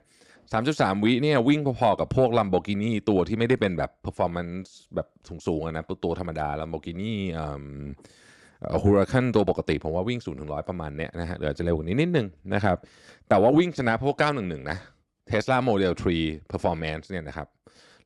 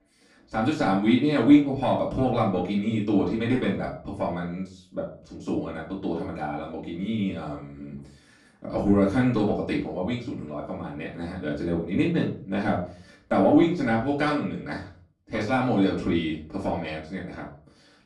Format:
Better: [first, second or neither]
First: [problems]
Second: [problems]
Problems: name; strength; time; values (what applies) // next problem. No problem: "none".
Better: first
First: none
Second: off-mic speech; far // room echo; slight; dies away in 0.3 s